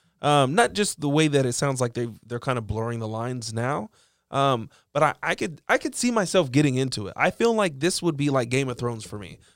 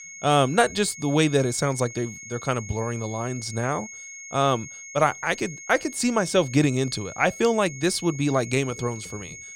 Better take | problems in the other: first | high-pitched whine; noticeable; throughout; 2 kHz, 15 dB below the speech

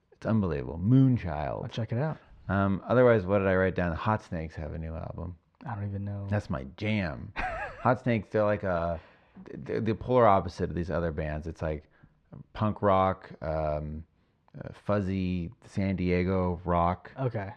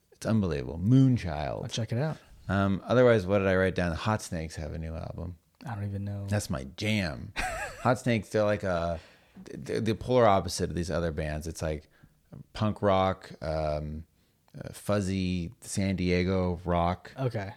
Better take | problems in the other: second | muffled; slightly; fading above 2.5 kHz

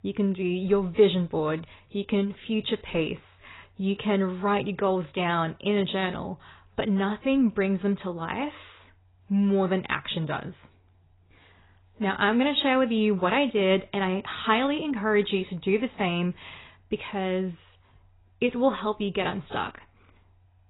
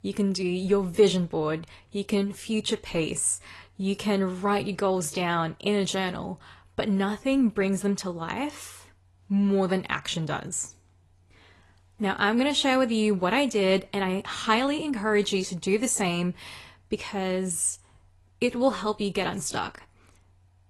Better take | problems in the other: second | garbled, watery; badly; nothing above 4 kHz; slightly in the second

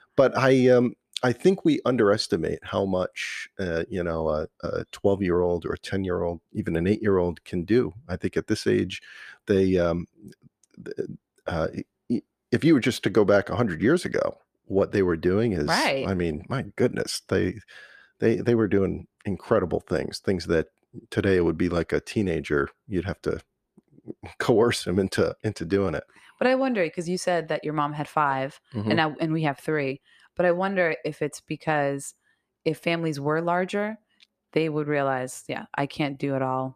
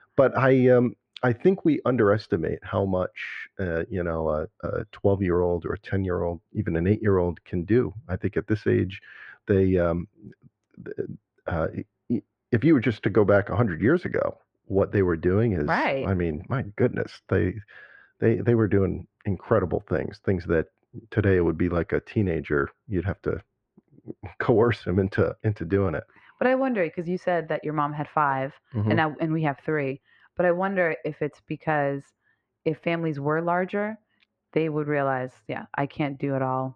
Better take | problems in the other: first | muffled; very; fading above 2 kHz

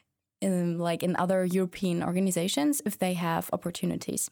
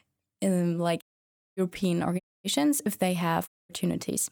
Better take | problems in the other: first | audio cutting out; at 1 s for 0.5 s, at 2 s and at 3.5 s

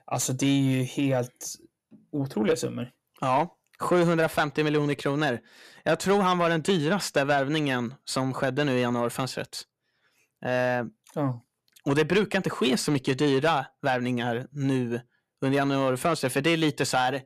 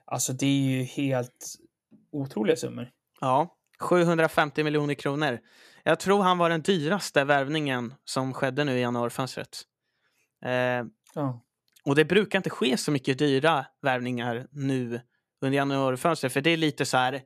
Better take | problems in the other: second | distortion; slight; 10 dB below the speech

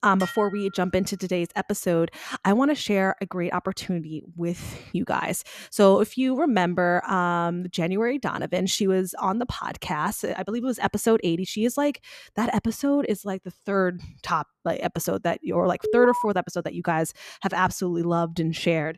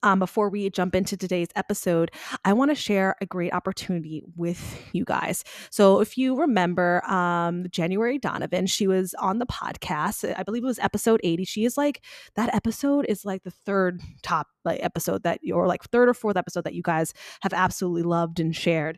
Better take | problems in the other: second | clattering dishes; noticeable; at the start; peak 10 dB below the speech // alarm; noticeable; at 16 s; peak 1 dB below the speech

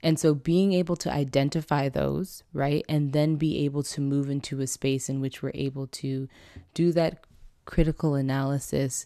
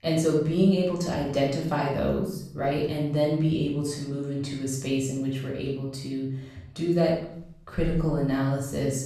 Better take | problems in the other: first | off-mic speech; far // room echo; noticeable; dies away in 0.6 s

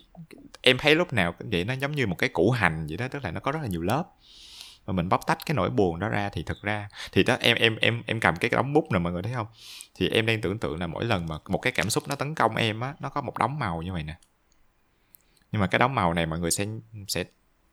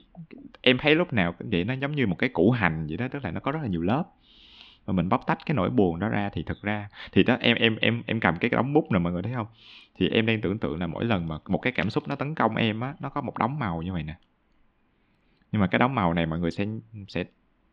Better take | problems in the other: first | muffled; slightly; fading above 3 kHz

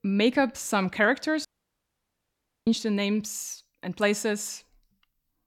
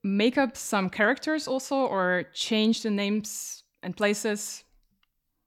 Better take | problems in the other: second | audio cutting out; at 1.5 s for 1 s

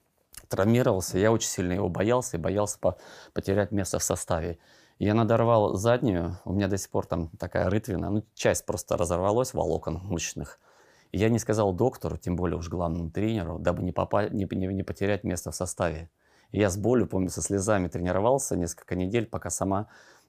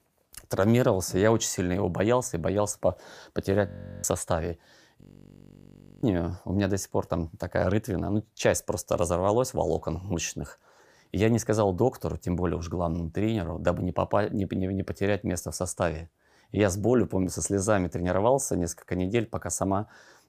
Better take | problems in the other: first | audio freezing; at 3.5 s and at 5 s for 1 s

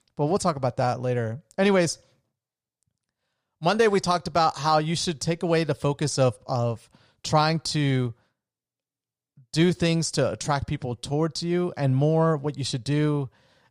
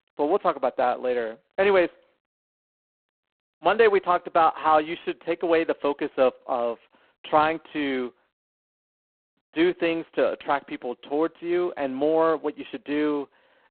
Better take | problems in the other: first | phone-call audio; poor line; nothing above 4 kHz

